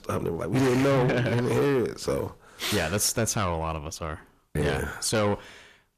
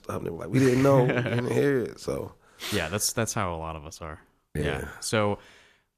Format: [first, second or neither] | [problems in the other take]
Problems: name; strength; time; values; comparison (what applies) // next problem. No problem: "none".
second | distortion; heavy; 7 dB below the speech